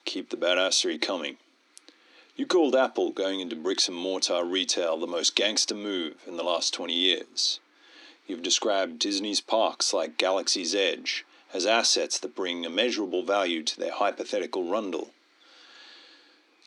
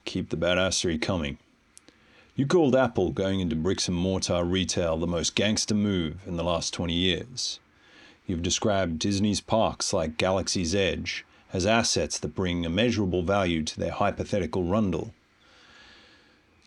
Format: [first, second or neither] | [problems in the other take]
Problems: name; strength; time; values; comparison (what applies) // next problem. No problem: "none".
second | thin; somewhat; fading below 300 Hz